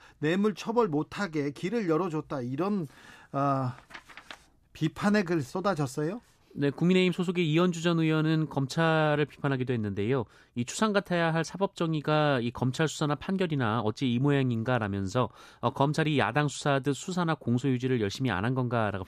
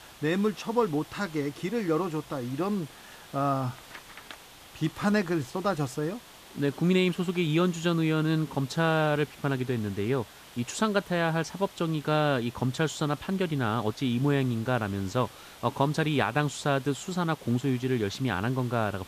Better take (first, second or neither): first